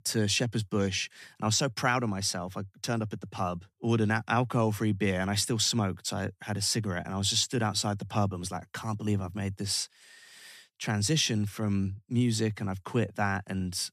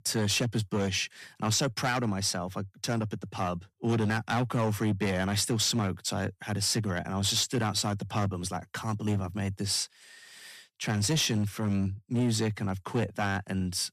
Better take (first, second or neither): first